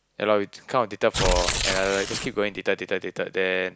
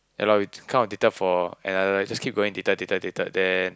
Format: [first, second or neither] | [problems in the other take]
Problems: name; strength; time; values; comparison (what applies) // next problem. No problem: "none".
second | background sound (Tearing); 1 dB below the speech